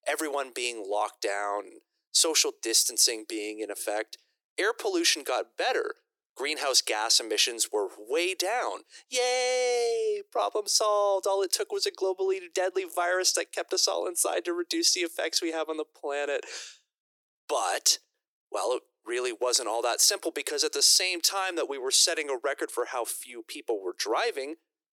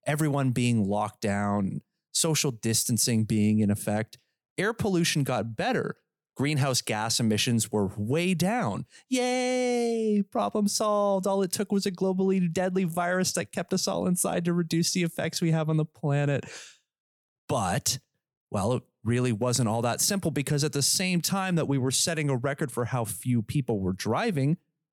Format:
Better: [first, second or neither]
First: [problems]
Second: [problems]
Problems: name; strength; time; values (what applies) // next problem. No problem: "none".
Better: second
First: thin; very; fading below 350 Hz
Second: none